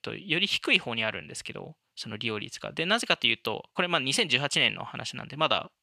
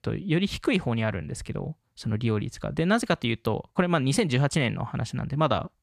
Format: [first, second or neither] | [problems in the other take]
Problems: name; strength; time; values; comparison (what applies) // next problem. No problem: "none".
second | thin; somewhat; fading below 550 Hz